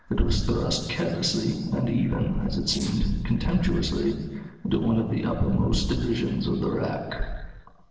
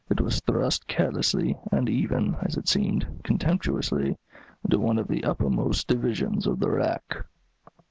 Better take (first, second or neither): second